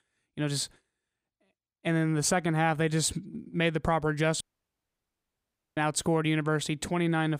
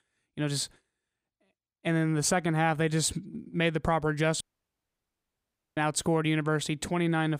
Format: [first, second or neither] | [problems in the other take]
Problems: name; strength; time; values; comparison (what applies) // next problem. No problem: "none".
neither | audio cutting out; at 4.5 s for 1.5 s; the same in both